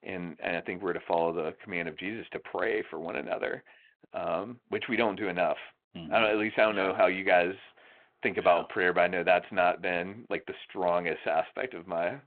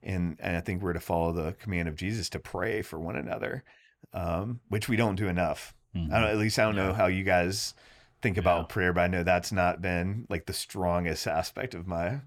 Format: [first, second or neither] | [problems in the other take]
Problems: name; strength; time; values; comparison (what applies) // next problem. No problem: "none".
second | phone-call audio